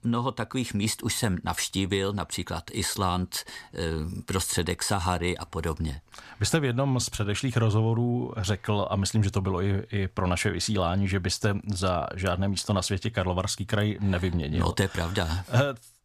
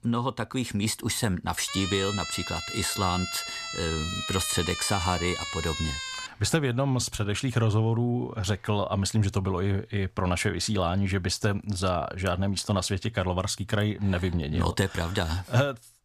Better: first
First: none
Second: siren; noticeable; from 1.5 to 6.5 s; peak 3 dB below the speech

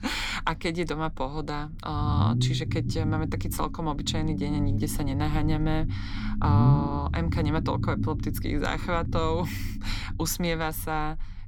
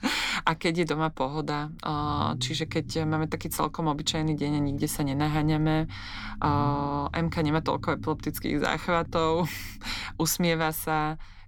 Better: second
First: low rumble; loud; throughout; 9 dB below the speech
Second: low rumble; faint; throughout; 20 dB below the speech

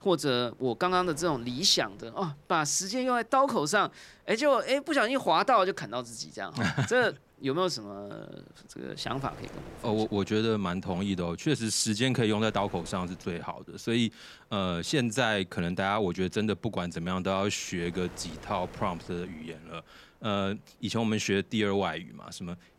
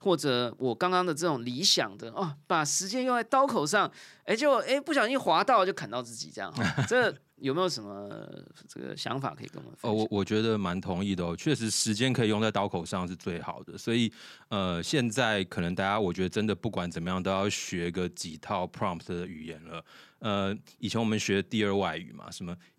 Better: second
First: wind noise on the microphone; occasional gusts; 25 dB below the speech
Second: none

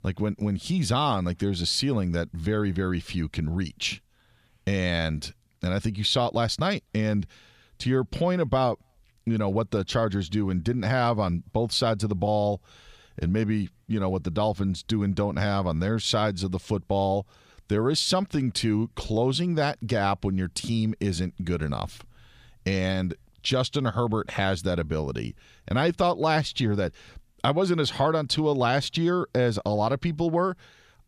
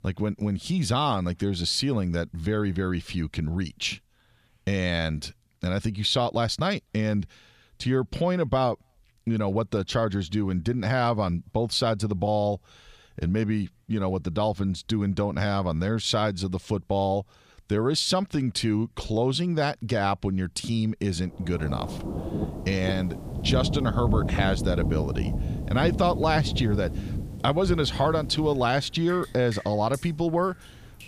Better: first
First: none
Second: rain or running water; loud; from 21 s on; 4 dB below the speech

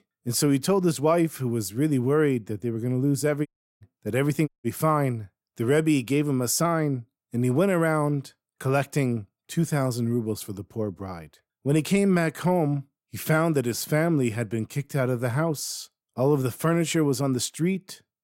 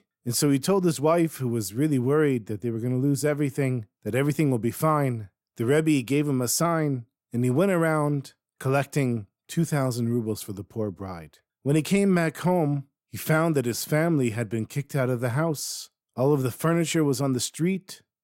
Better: second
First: audio cutting out; at 3.5 s and at 4.5 s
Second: none

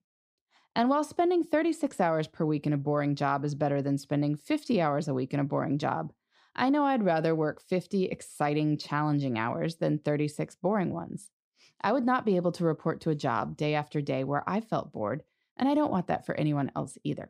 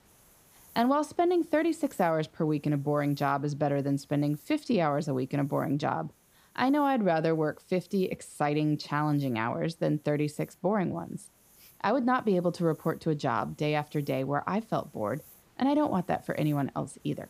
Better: first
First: none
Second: hiss; faint; throughout; 30 dB below the speech

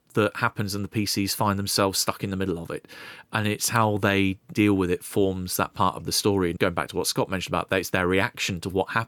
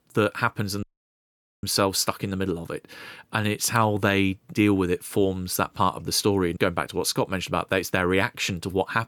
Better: first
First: none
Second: audio cutting out; at 1 s for 1 s

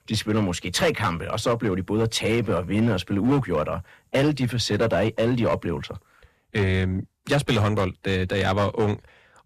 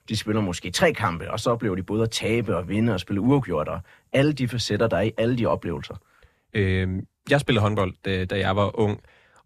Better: second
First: distortion; slight; 7% of the sound clipped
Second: none

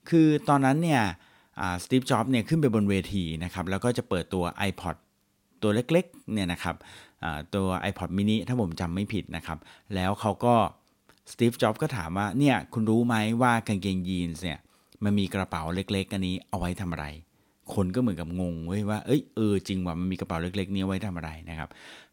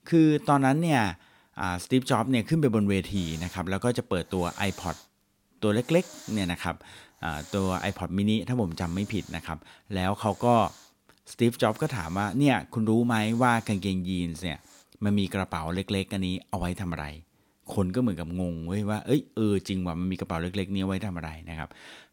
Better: first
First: none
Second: hiss; faint; from 3 to 15 s; 20 dB below the speech

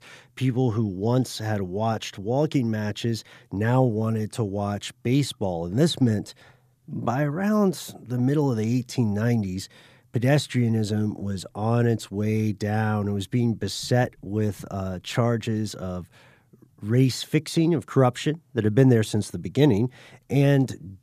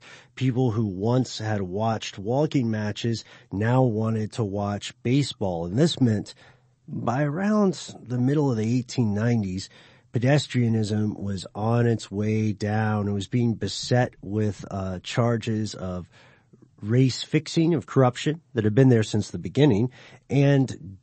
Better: first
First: none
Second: garbled, watery; slightly; nothing above 8 kHz

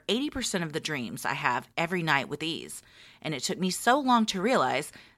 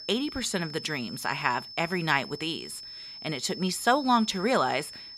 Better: first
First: none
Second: high-pitched whine; noticeable; throughout; 5.5 kHz, 10 dB below the speech

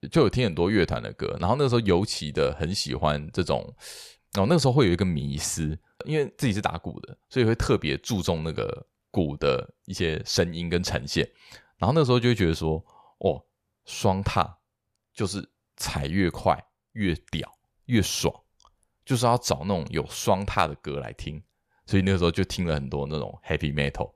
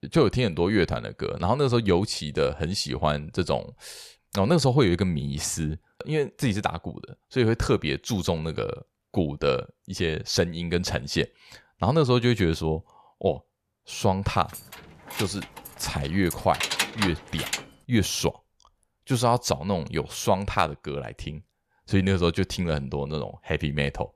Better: first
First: none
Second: jangling keys; loud; from 15 to 18 s; peak 1 dB above the speech

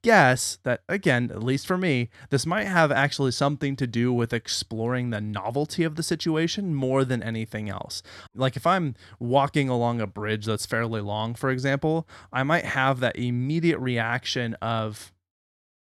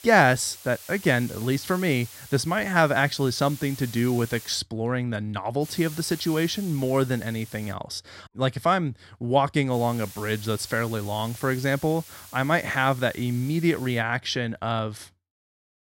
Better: first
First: none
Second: hiss; noticeable; until 4.5 s, from 5.5 to 7.5 s and from 9.5 to 14 s; 15 dB below the speech

